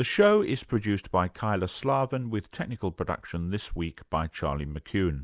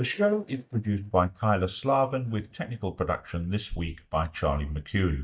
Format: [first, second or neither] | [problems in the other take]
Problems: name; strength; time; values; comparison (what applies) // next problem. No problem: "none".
first | noise reduction (neural mask model DeepFilterNet 3)